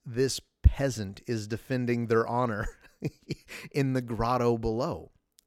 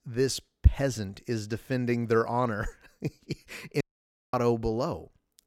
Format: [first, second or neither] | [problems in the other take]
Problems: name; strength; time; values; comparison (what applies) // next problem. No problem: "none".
first | audio cutting out; at 4 s for 0.5 s